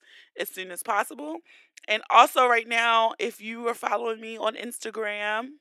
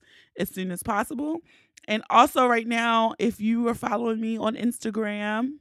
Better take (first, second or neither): second